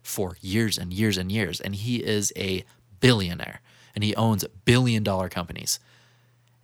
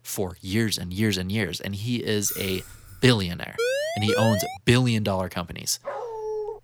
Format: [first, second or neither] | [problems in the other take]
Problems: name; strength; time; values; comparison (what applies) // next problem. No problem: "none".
first | jangling keys; noticeable; at 2.5 s; peak 7 dB below the speech // siren; noticeable; at 3.5 s; peak level with the speech // dog barking; noticeable; at 6 s; peak 6 dB below the speech